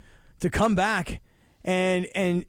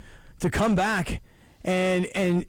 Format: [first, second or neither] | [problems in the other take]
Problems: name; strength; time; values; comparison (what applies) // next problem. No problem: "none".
first | distortion; slight; 10 dB below the speech